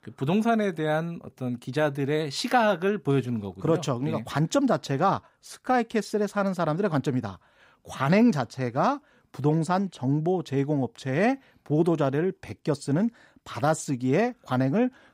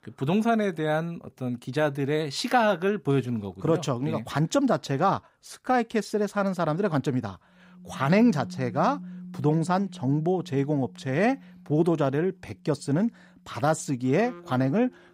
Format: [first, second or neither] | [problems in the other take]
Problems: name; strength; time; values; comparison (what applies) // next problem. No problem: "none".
first | background music; noticeable; from 8 s on; 15 dB below the speech